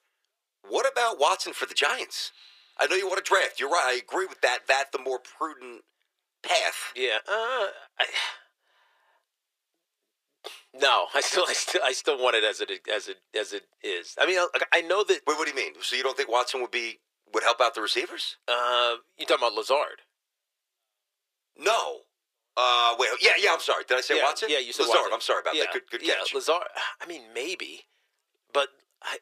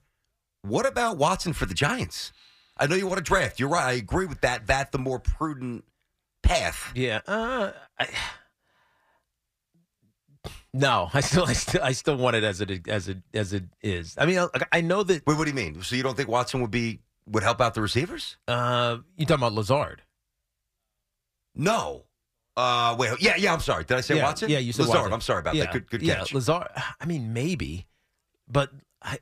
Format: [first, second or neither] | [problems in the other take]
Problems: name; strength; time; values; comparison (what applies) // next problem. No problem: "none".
second | thin; very; fading below 400 Hz